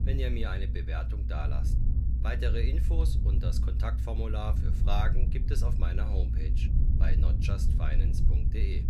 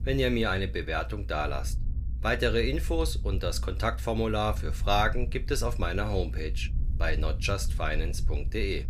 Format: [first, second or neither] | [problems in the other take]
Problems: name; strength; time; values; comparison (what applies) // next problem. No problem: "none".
second | low rumble; loud; throughout; 5 dB below the speech; faint in the second